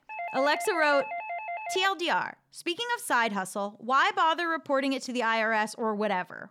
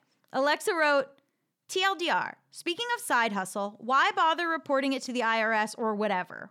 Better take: second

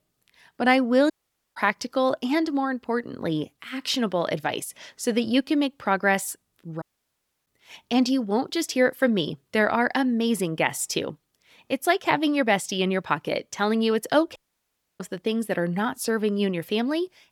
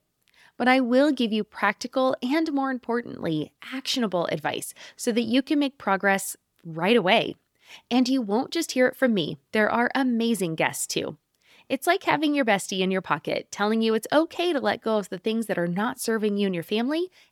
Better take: second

